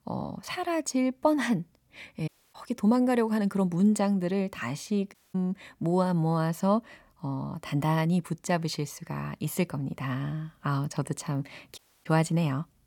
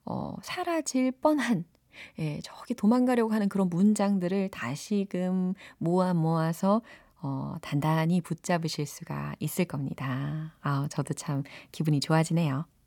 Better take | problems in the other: second | audio cutting out; at 2.5 s, at 5 s and at 12 s

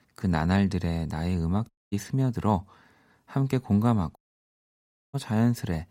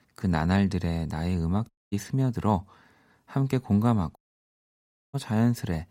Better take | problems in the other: neither | audio cutting out; at 1.5 s and at 4 s for 1 s; the same in both

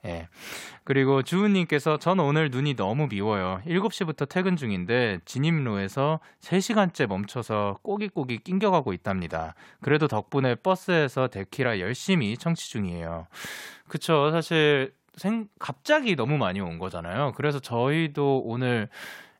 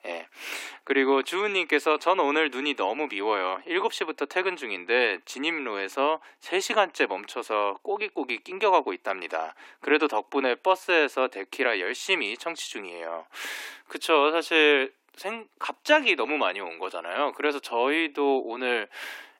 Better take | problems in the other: first | thin; somewhat; fading below 300 Hz

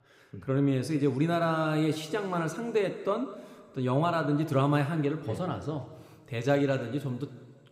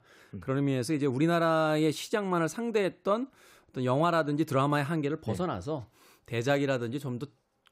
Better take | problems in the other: second | room echo; very slight; dies away in 1.9 s

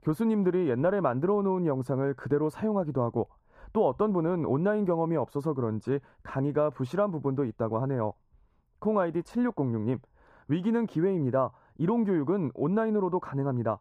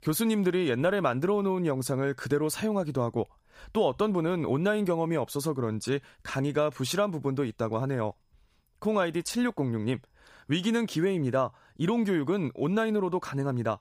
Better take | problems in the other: second | muffled; very; fading above 2 kHz

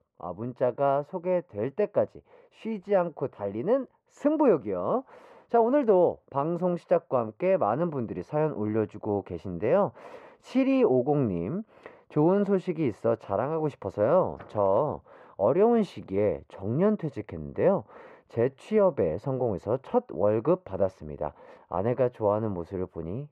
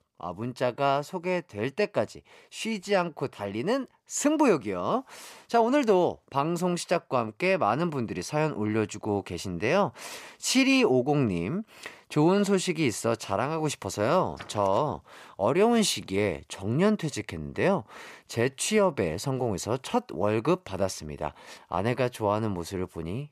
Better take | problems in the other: second | muffled; very; fading above 3 kHz

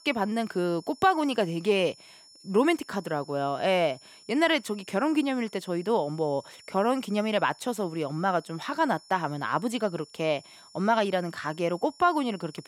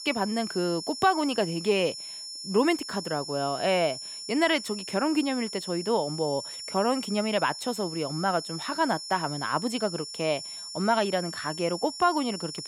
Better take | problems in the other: first | high-pitched whine; loud; throughout; 5.5 kHz, 8 dB below the speech; faint in the first

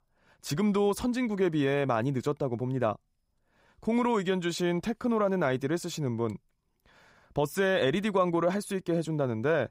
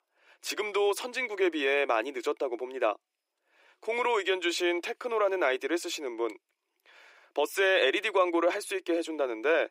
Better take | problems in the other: first | thin; very; fading below 300 Hz

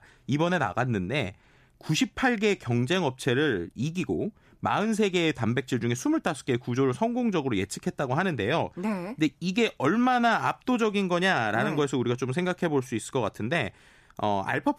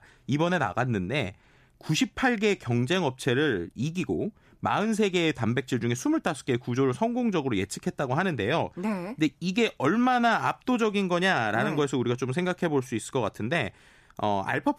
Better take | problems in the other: neither | none

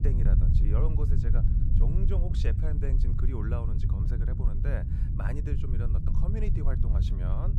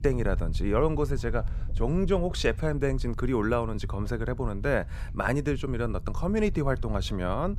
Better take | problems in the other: second | low rumble; loud; throughout; 1 dB below the speech; faint in the second

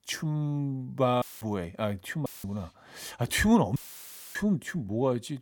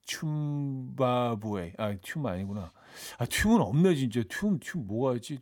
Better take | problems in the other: second | audio cutting out; filled with static; at 1 s, at 2.5 s and at 4 s for 0.5 s

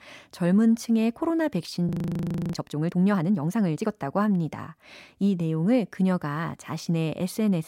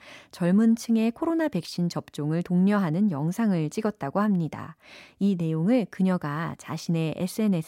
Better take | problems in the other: second | audio freezing; at 2 s for 0.5 s

